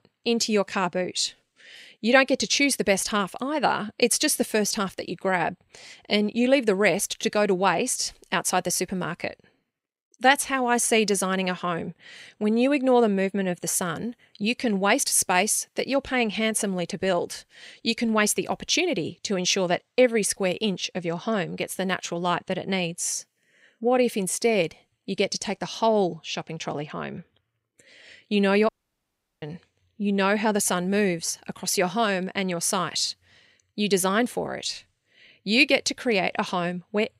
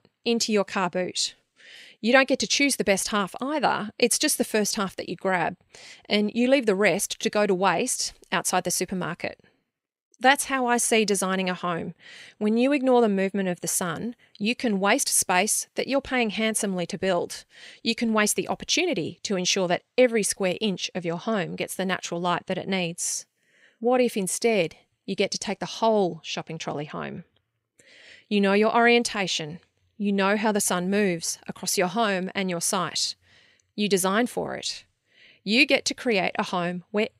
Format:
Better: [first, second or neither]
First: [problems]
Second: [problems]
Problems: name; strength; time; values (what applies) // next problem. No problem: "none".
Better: second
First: audio cutting out; at 29 s for 0.5 s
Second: none